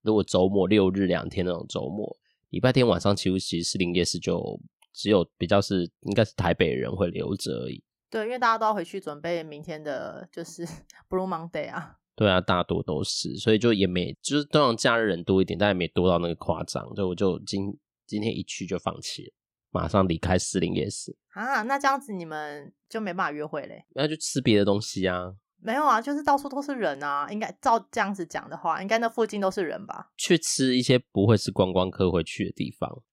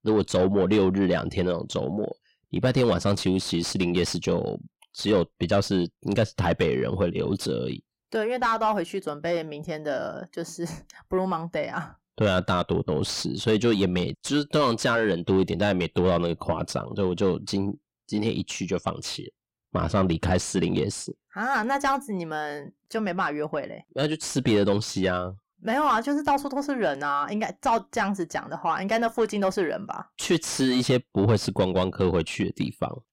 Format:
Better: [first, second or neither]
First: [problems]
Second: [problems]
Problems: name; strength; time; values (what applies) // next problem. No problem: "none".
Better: first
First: none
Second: distortion; slight; 10 dB below the speech